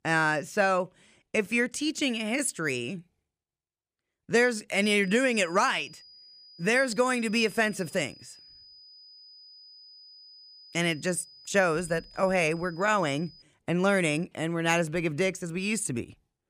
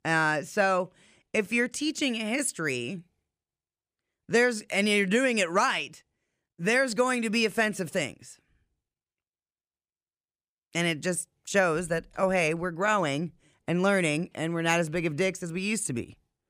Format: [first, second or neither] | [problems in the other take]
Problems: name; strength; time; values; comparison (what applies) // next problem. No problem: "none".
second | high-pitched whine; faint; from 5 to 13 s; 5 kHz, 25 dB below the speech